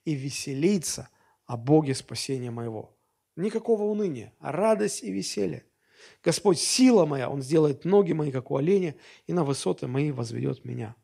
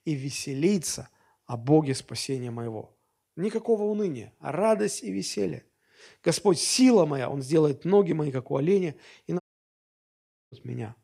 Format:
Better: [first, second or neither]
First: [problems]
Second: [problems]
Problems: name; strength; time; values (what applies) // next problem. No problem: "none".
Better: first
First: none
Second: audio cutting out; at 9.5 s for 1 s